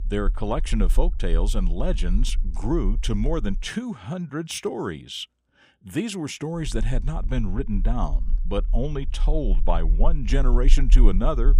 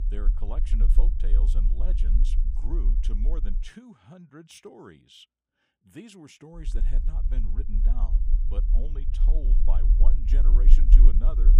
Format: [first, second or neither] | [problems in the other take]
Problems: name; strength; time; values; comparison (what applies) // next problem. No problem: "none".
first | low rumble; loud; until 3.5 s and from 6.5 s on; 3 dB below the speech; faint in the first